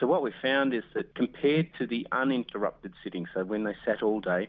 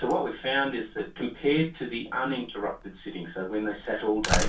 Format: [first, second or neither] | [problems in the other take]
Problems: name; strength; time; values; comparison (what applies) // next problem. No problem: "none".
first | background sound (Slam); 6 dB below the speech // room echo; dies away in 0.2 s